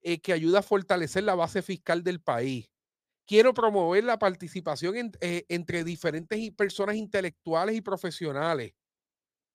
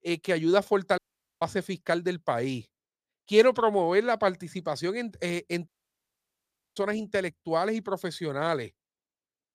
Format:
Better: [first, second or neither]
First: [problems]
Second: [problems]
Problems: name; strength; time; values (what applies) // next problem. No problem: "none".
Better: first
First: none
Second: audio cutting out; at 1 s and at 5.5 s for 1 s